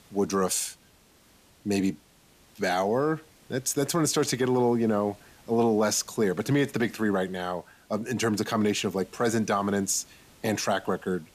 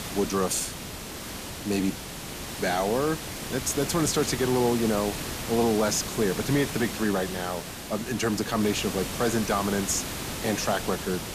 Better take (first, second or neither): first